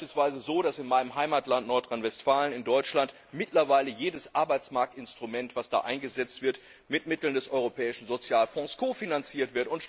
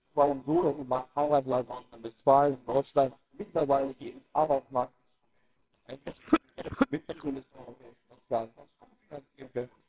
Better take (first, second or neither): first